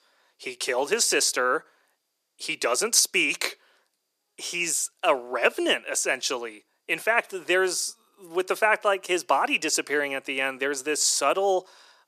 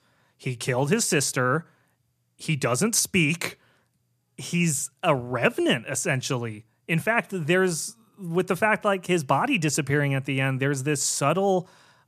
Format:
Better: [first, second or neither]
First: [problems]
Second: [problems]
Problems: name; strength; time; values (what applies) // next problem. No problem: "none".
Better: second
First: thin; very; fading below 350 Hz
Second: none